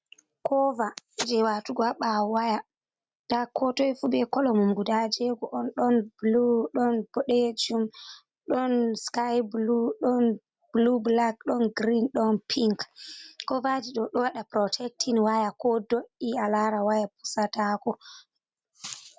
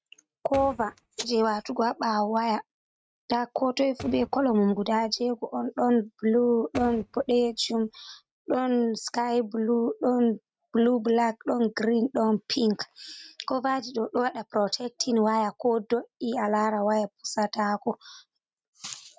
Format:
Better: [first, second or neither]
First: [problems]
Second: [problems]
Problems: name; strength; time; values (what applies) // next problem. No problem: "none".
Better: first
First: none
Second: noise reduction (neural mask model RNNoise)